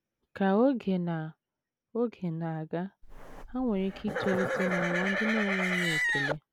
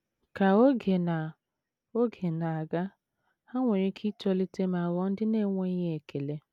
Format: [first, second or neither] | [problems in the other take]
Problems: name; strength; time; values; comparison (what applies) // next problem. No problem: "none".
second | background sound (Livestock, farm animals, working animals); as loud as the speech